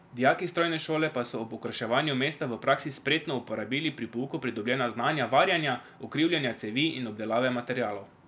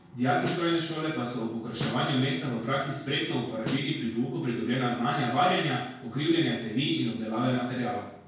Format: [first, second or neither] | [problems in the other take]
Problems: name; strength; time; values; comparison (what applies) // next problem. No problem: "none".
first | background sound (Snare drum); 12 dB below the speech // room echo; dies away in 0.6 s